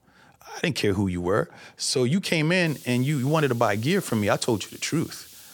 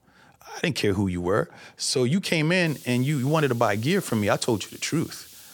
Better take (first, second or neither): neither